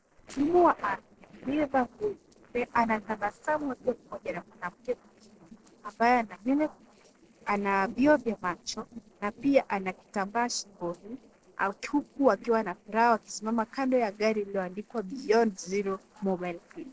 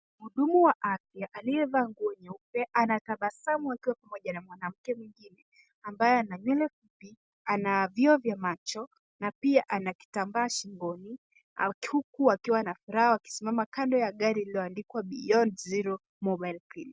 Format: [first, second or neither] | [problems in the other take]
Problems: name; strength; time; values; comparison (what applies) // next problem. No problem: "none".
second | noise reduction (neural separator model SepFormer DNS4)